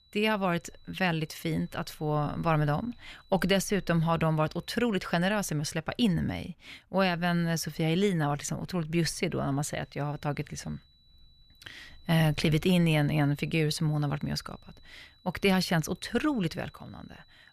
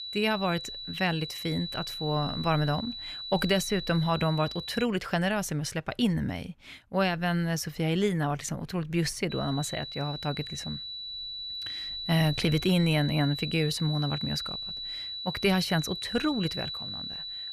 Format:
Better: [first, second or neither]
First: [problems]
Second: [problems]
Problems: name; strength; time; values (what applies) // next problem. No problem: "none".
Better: first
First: high-pitched whine; faint; until 5 s and from 9.5 s on; 4 kHz, 35 dB below the speech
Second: high-pitched whine; loud; until 5 s and from 9.5 s on; 4 kHz, 6 dB below the speech